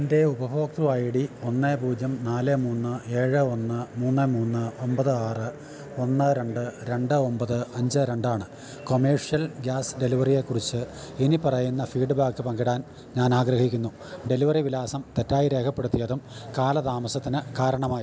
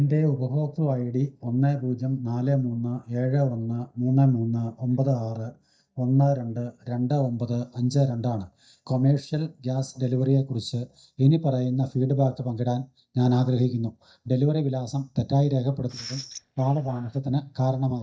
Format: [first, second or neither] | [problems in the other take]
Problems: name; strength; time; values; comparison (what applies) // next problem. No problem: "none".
first | noise reduction (neural mask model DeepFilterNet 3)